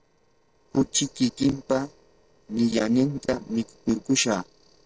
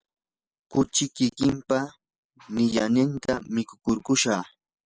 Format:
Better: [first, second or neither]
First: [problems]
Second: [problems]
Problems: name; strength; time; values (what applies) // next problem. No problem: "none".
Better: second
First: noise reduction (neural separator model SepFormer DNS4)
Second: none